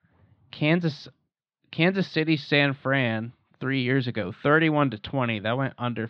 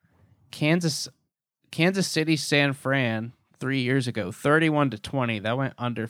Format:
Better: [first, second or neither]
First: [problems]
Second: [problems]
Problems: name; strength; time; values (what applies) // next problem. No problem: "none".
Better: second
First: muffled; slightly; fading above 4 kHz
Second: none